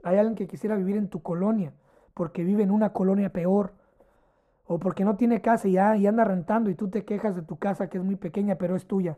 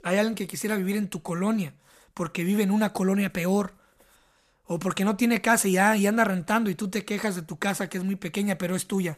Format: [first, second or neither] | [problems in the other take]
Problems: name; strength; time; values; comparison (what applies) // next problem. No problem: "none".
second | muffled; very; fading above 1.5 kHz